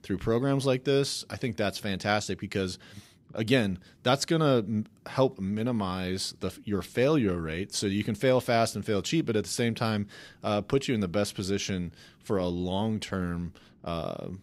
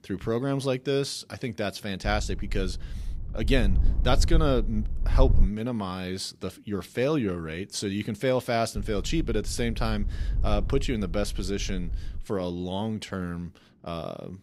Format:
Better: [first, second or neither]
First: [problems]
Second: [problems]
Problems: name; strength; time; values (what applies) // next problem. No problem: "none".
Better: first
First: none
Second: wind noise on the microphone; occasional gusts; from 2 to 5.5 s and from 9 to 12 s; 20 dB below the speech